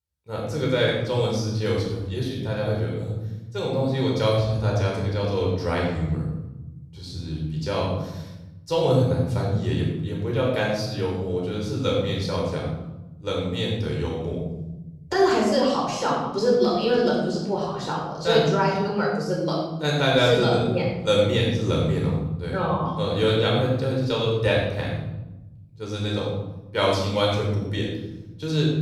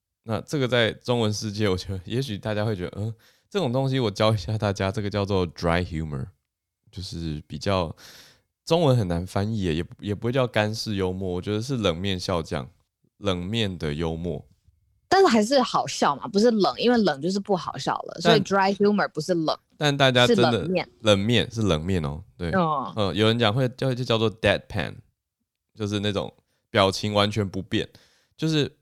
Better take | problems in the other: second | off-mic speech; far // room echo; noticeable; dies away in 1.3 s

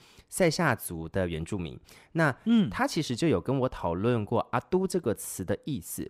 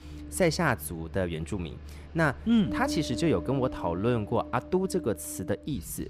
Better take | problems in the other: first | rain or running water; noticeable; throughout; 10 dB below the speech

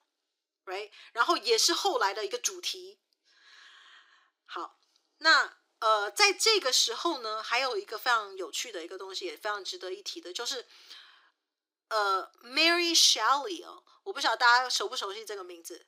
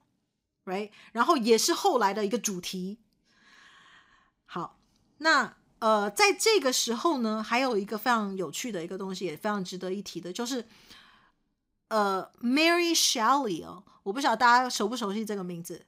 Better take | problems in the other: second | thin; very; fading below 350 Hz

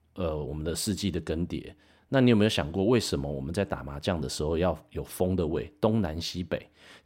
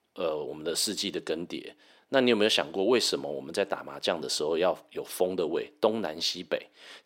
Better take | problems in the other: first | thin; somewhat; fading below 400 Hz

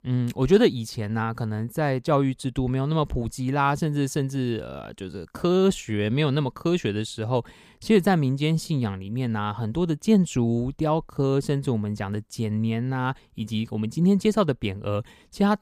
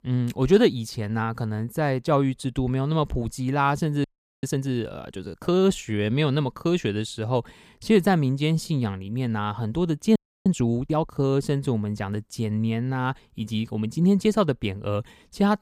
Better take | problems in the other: first | audio freezing; at 4 s and at 10 s

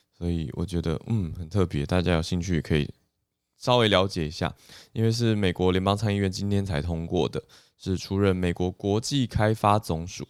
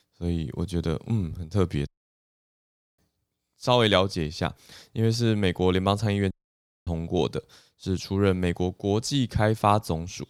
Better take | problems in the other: first | audio cutting out; at 2 s for 1 s and at 6.5 s for 0.5 s

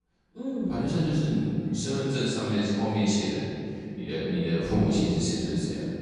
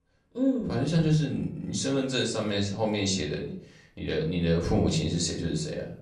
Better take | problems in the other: second | room echo; strong; dies away in 2.2 s; slight in the second // off-mic speech; far; far in the second

